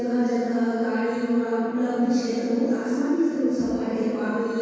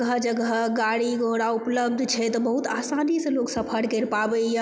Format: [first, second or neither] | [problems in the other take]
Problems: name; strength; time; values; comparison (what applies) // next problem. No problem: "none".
second | room echo; dies away in 2 s